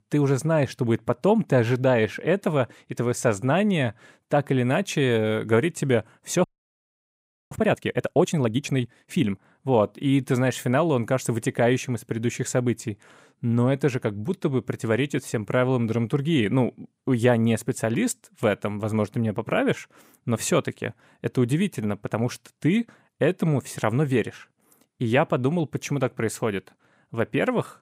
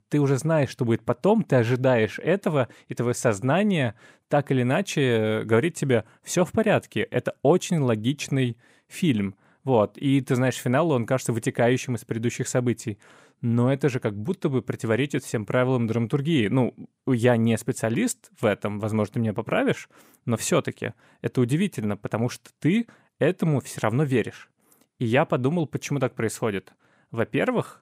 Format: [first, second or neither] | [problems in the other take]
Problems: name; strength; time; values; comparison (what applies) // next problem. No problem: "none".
second | audio freezing; at 6.5 s for 1 s